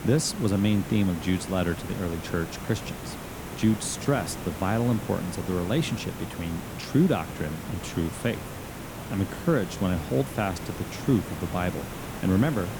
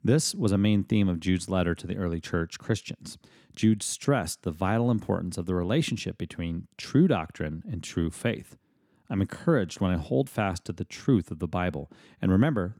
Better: second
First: hiss; loud; throughout; 9 dB below the speech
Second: none

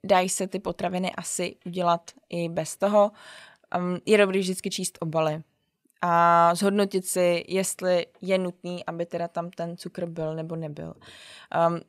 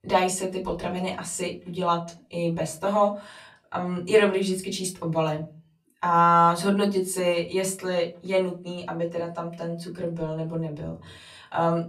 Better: first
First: none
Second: off-mic speech; far // room echo; very slight; dies away in 0.2 s

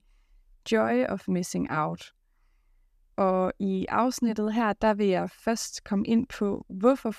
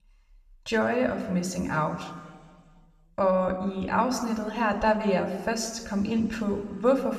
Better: first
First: none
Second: room echo; slight; dies away in 1.6 s

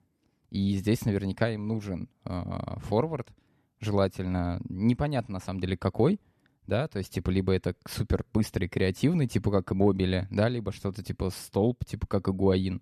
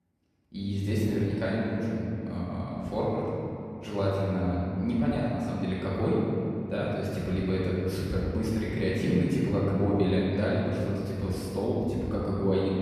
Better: first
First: none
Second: room echo; strong; dies away in 2.7 s // off-mic speech; far

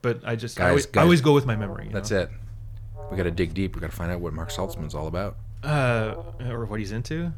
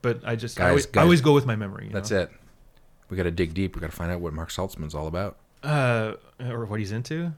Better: second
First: alarm; faint; from 1.5 s on; peak 15 dB below the speech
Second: none

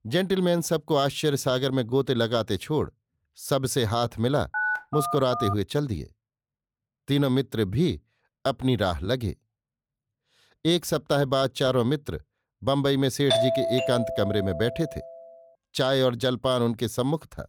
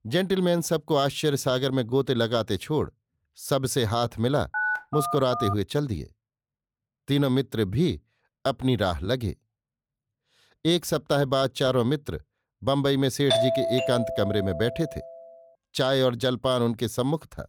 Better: neither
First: phone ringing; noticeable; from 4.5 to 5.5 s; peak 1 dB below the speech // doorbell; loud; from 13 to 15 s; peak 2 dB above the speech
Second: phone ringing; noticeable; from 4.5 to 5.5 s; peak 1 dB below the speech // doorbell; loud; from 13 to 15 s; peak 2 dB above the speech

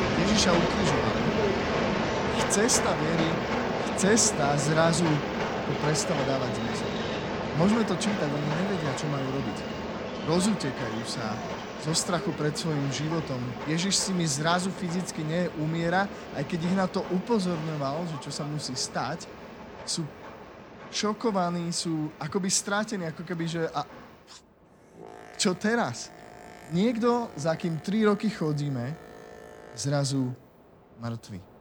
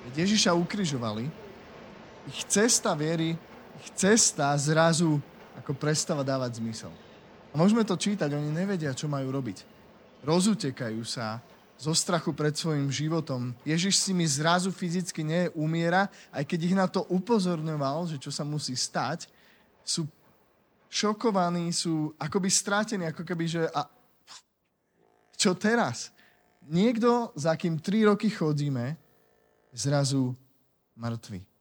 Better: second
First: train or aircraft noise; loud; throughout; 3 dB below the speech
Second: train or aircraft noise; faint; throughout; 25 dB below the speech

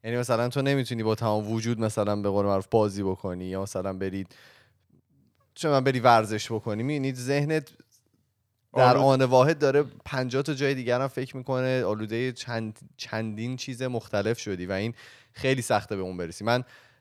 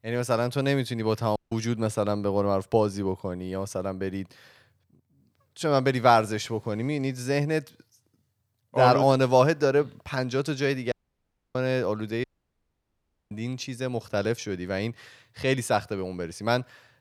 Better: first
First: none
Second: audio cutting out; at 1.5 s, at 11 s for 0.5 s and at 12 s for 1 s

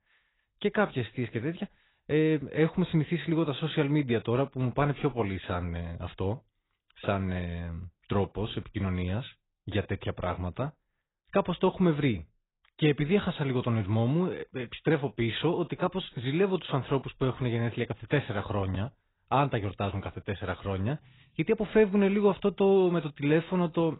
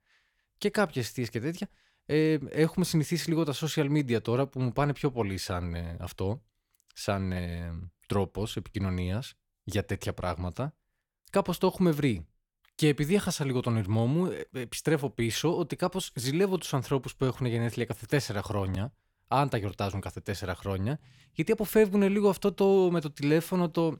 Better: second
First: garbled, watery; badly; nothing above 4 kHz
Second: none

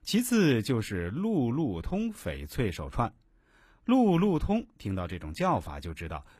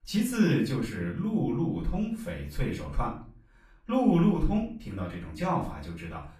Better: first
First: none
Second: off-mic speech; far // room echo; slight; dies away in 0.4 s

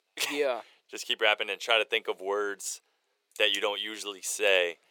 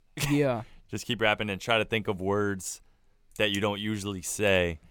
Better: second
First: thin; very; fading below 400 Hz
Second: none

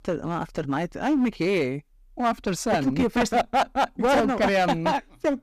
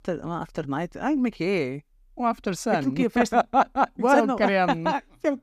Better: second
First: distortion; heavy; 10% of the sound clipped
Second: none

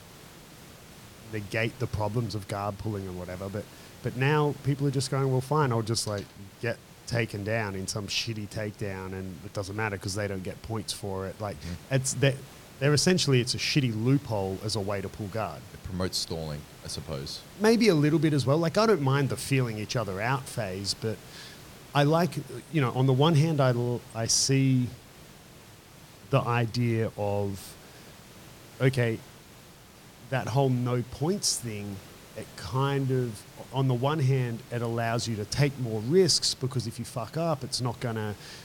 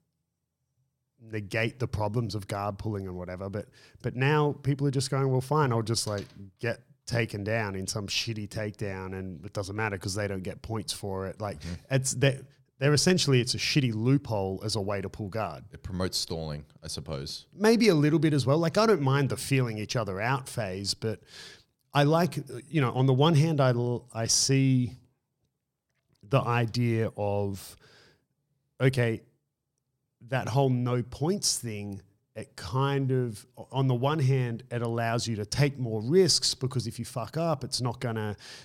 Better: second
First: hiss; faint; throughout; 20 dB below the speech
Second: none

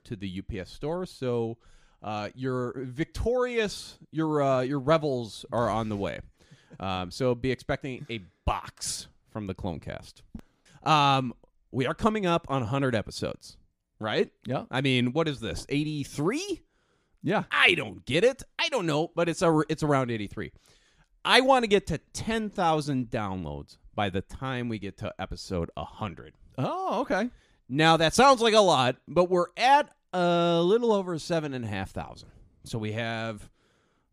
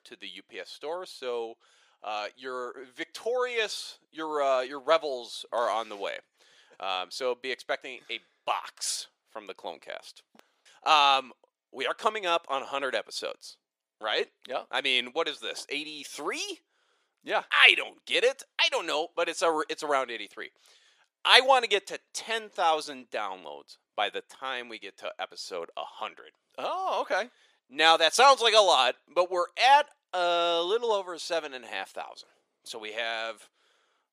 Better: first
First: none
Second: thin; very; fading below 500 Hz

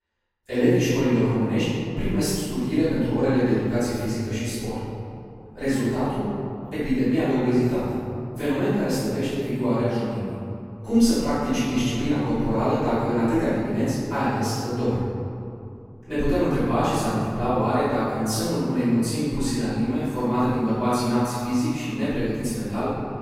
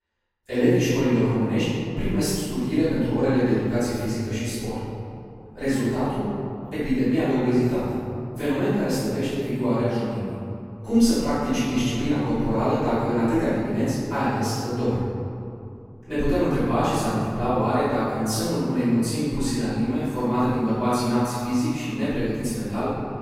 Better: neither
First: off-mic speech; far // room echo; strong; dies away in 2.6 s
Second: off-mic speech; far // room echo; strong; dies away in 2.6 s

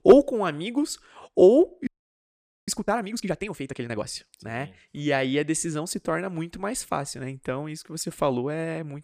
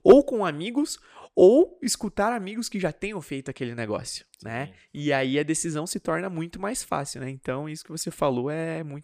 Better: second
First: audio freezing; at 2 s for 1 s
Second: none

